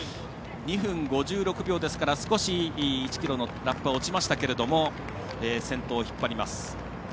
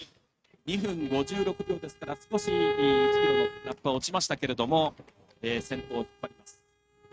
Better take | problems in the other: first | noise reduction (neural mask model RNNoise)

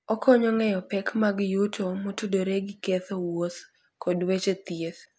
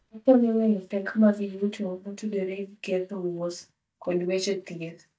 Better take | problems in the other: first | noise reduction (neural mask model DeepFilterNet 3)

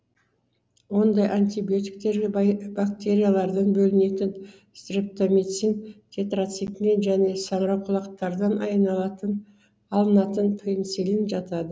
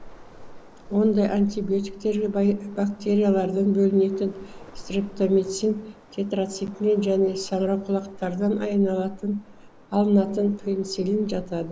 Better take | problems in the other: first | background sound (Waves, surf); 19 dB below the speech

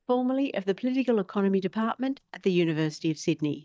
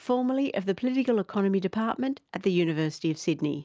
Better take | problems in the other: second | noise reduction (neural mask model DeepFilterNet 3)

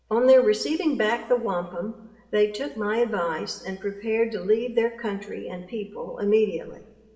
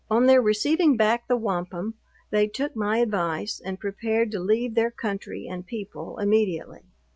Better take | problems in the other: second | room echo; dies away in 1.6 s

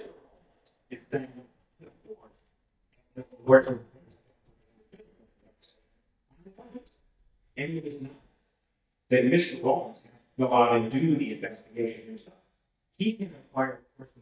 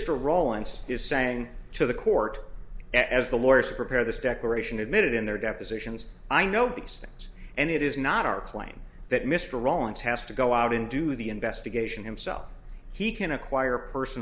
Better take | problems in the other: second | noise reduction (neural mask model DeepFilterNet 3)

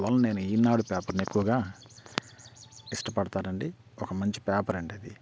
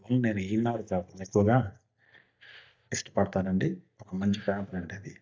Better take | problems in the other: first | noise reduction (neural mask model DeepFilterNet 3)

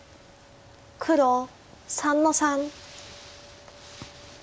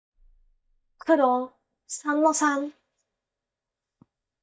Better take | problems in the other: first | noise reduction (neural mask model DeepFilterNet 3)

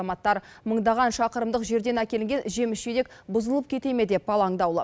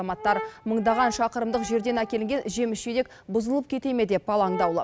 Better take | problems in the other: first | background sound (Brass instrument); 13 dB below the speech

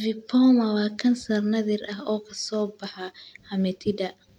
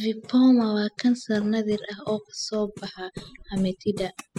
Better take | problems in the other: first | noise reduction (classical method spectral subtraction)

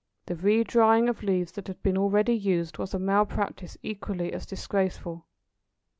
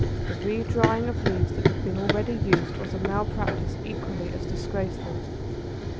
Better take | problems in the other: first | background sound (Run); 5 dB above the speech

